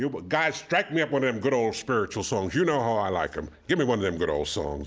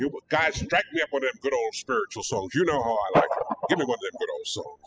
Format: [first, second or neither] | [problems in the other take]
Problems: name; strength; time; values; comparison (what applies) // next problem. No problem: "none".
first | noise reduction (classical method spectral subtraction)